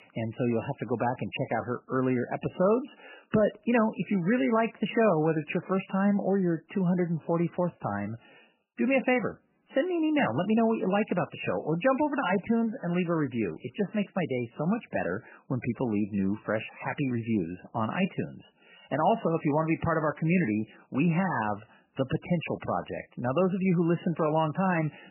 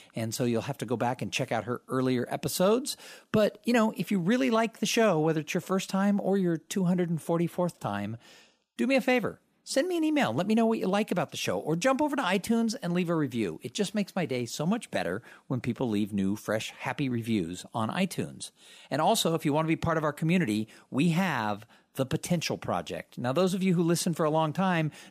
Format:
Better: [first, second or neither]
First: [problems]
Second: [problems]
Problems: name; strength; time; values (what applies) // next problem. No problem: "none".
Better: second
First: garbled, watery; badly; nothing above 3 kHz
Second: none